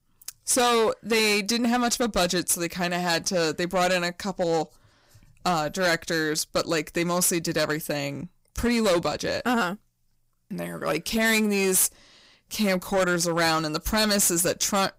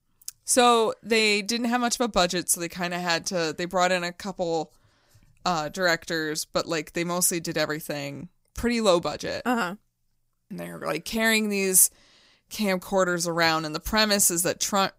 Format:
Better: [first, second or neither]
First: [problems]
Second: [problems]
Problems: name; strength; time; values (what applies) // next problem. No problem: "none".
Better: second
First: distortion; heavy; 10% of the sound clipped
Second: none